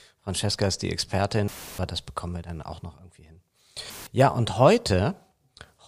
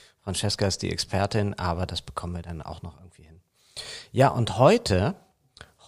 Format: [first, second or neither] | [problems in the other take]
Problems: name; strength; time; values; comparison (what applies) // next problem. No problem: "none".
second | audio cutting out; filled with static; at 1.5 s and at 4 s